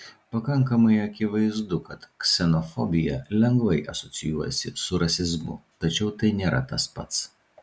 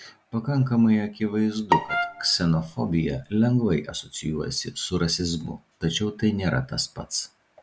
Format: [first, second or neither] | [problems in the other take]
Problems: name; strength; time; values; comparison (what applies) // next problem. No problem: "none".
first | background sound (Bowed string instrument + Trumpet); 4 dB below the speech